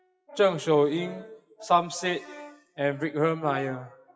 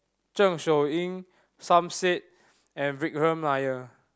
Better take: second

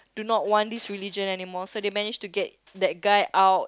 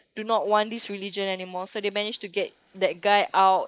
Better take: first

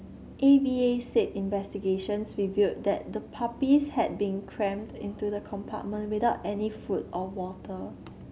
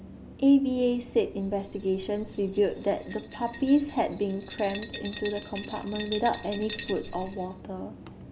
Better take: first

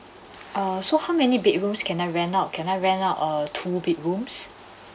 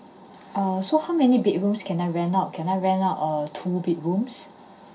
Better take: first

